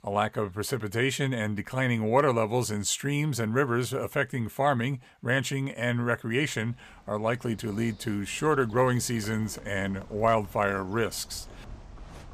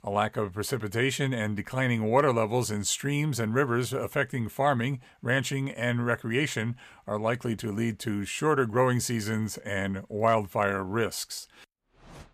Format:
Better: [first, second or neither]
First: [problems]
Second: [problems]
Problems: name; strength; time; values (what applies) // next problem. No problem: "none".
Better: second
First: animal sounds; faint; throughout; 20 dB below the speech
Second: none